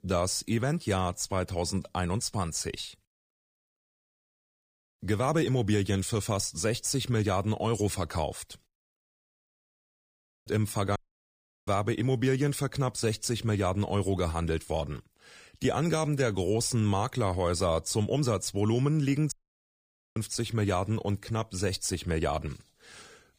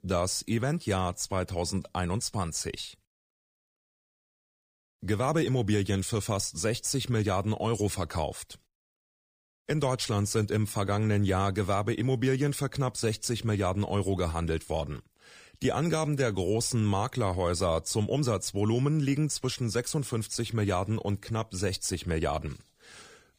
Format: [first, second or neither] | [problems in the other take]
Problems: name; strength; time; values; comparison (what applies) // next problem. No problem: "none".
second | audio cutting out; at 9.5 s for 1 s, at 11 s for 0.5 s and at 19 s for 1 s